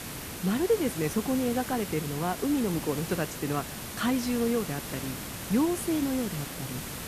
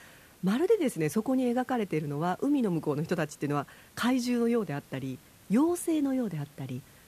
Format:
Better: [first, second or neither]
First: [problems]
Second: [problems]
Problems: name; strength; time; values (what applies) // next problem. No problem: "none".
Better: second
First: hiss; loud; throughout; 7 dB below the speech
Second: hiss; faint; throughout; 25 dB below the speech